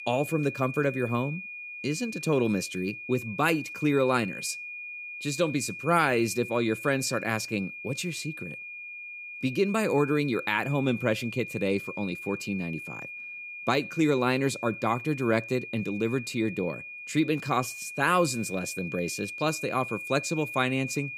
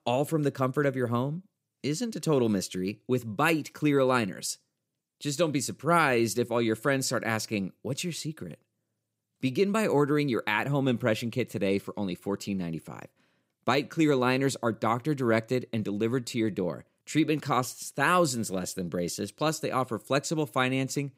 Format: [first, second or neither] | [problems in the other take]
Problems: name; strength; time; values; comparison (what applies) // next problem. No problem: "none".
second | high-pitched whine; loud; throughout; 2.5 kHz, 9 dB below the speech